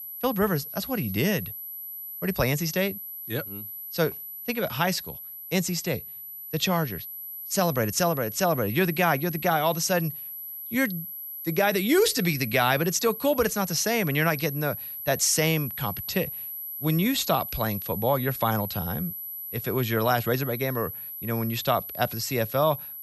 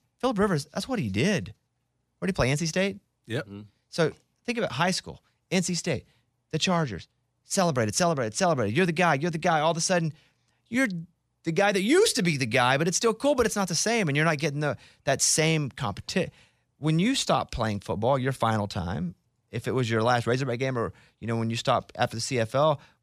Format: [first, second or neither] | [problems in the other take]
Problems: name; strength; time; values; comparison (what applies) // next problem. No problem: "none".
second | high-pitched whine; loud; throughout; 12 kHz, 8 dB below the speech